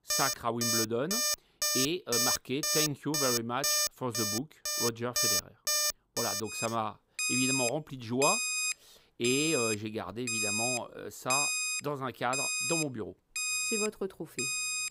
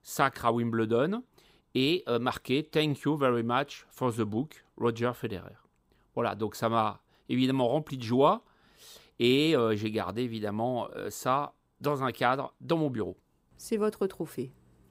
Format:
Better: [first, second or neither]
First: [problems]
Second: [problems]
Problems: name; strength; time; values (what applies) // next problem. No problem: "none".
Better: second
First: alarms or sirens; very loud; throughout; 5 dB above the speech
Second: none